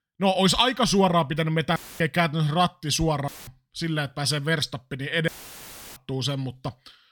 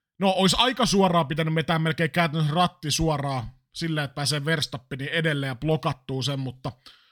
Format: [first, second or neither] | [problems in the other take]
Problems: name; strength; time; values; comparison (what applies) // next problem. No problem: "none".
second | audio cutting out; filled with static; at 2 s, at 3.5 s and at 5.5 s for 0.5 s